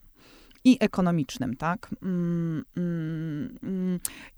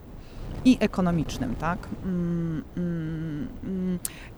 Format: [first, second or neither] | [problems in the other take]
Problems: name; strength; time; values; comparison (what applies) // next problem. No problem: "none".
first | wind noise on the microphone; occasional gusts; 15 dB below the speech